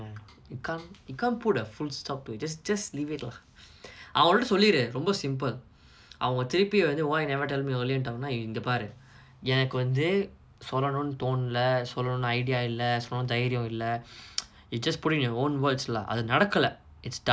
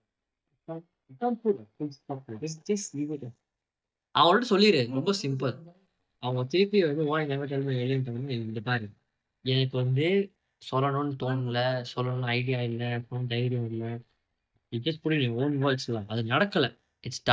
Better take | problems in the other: first | noise reduction (neural mask model DeepFilterNet 3)

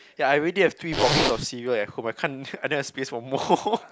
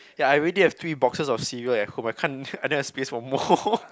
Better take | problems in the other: second | background sound (Zipper (clothing)); 3 dB above the speech

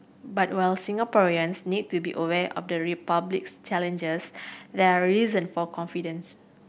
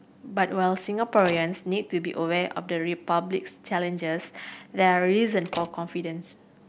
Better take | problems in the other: first | background sound (Slam); 16 dB below the speech

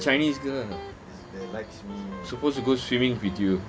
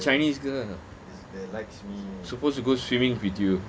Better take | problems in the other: second | background sound (Electric guitar); 17 dB below the speech

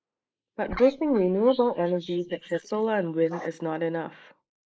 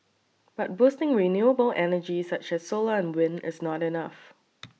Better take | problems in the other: second | noise reduction (neural mask model Resemble Enhance denoiser)

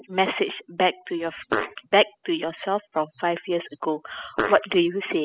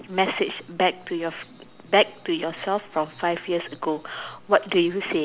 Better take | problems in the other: second | noise reduction (classical method spectral subtraction)

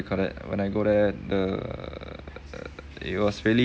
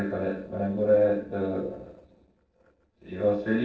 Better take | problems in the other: first | noise reduction (neural separator model SepFormer DNS4)

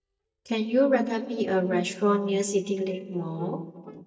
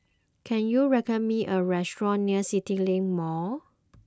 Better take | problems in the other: second | noise reduction (neural mask model DeepFilterNet 3)

